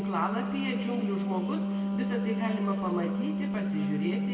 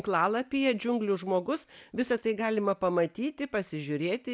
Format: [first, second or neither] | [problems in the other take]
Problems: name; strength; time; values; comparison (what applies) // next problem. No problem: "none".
second | background sound (Wind instrument, woodwind instrument); 3 dB above the speech // room echo; dies away in 2.1 s